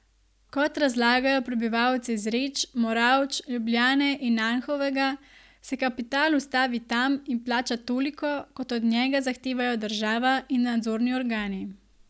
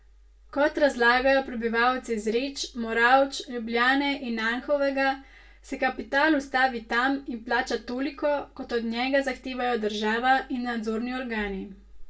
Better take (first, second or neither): first